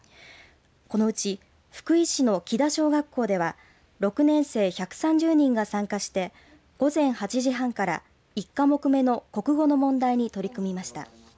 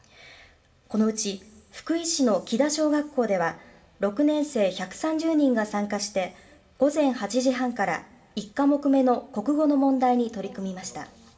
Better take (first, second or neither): first